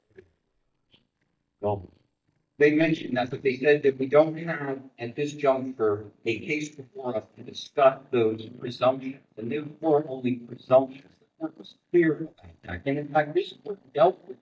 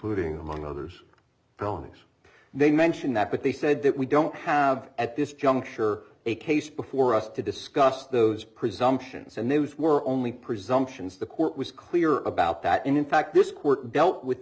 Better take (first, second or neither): second